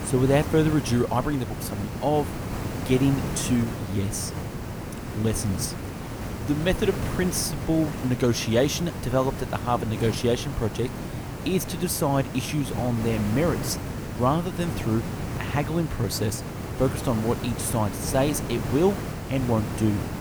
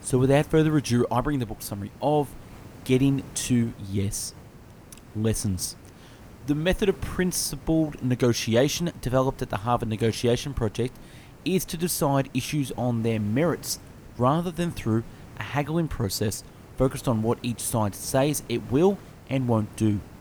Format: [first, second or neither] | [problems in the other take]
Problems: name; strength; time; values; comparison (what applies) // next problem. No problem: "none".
second | hiss; loud; throughout; 6 dB below the speech; faint in the second